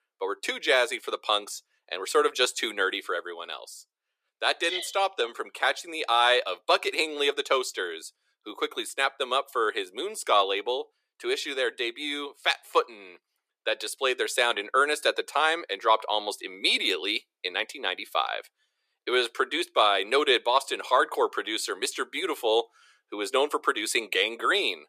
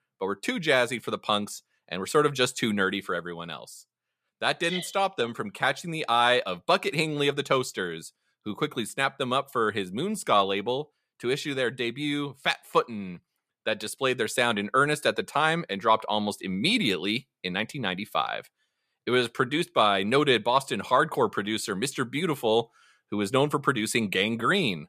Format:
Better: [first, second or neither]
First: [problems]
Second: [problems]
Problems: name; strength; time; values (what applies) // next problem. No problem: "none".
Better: second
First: thin; very; fading below 350 Hz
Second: none